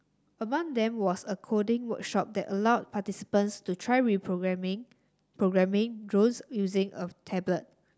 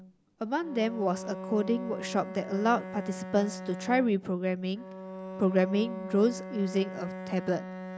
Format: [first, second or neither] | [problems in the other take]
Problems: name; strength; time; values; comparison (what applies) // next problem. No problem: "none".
first | background sound (Bowed string instrument); 10 dB below the speech